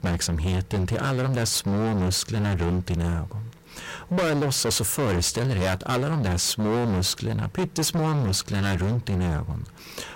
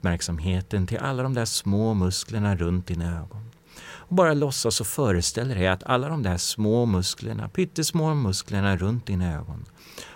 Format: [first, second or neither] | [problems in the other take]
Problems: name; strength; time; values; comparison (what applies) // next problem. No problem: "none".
second | distortion; heavy; 29% of the sound clipped